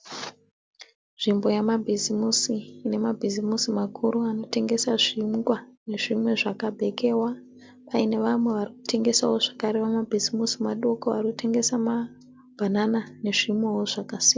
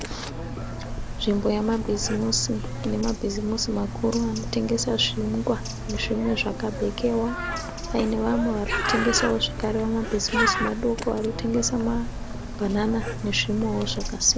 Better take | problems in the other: first | background sound (Bird); 4 dB below the speech

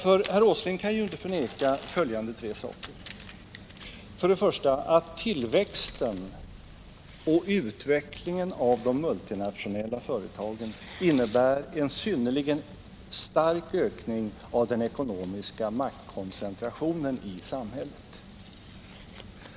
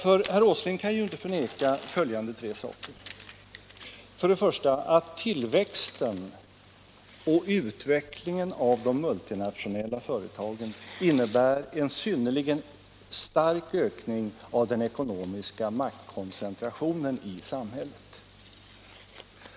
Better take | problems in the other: second | background sound (Car); 20 dB below the speech

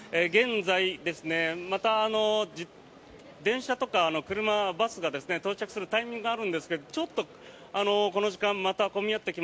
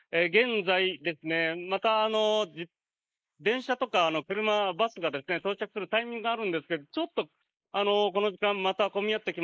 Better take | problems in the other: first | noise reduction (neural mask model Resemble Enhance denoiser)

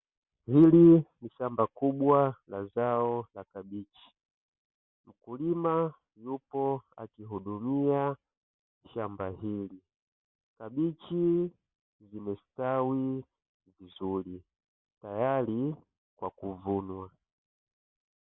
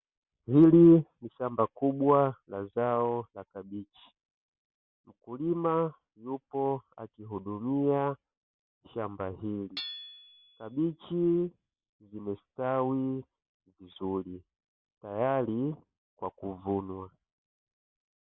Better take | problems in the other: first | background sound (Hammer / Chink, clink); 18 dB below the speech

